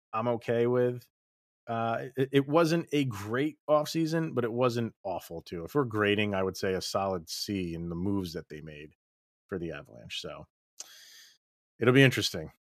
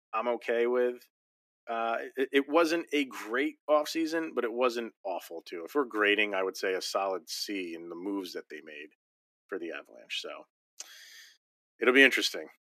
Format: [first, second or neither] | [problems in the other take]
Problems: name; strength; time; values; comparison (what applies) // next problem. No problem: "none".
first | thin; very slightly; fading below 250 Hz